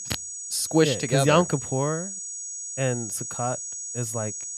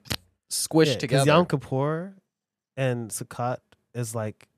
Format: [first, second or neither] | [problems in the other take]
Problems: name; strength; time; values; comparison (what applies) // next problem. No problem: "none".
second | high-pitched whine; loud; throughout; 6.5 kHz, 6 dB below the speech